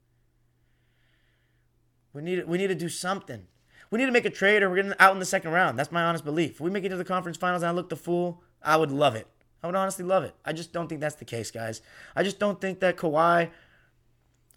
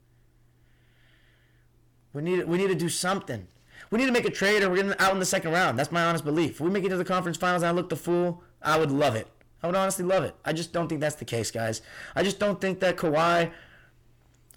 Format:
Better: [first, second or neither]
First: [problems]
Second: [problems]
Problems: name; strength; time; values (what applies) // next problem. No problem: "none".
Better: first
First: none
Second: distortion; heavy; 7 dB below the speech